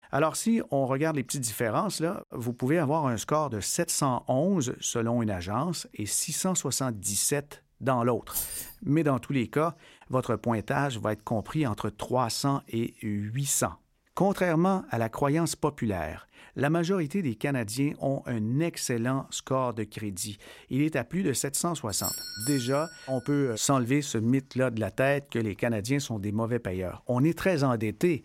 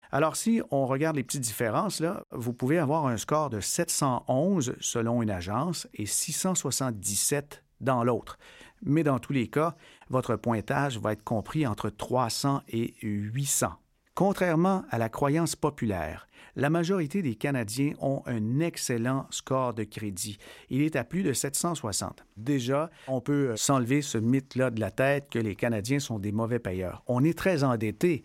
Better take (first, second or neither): second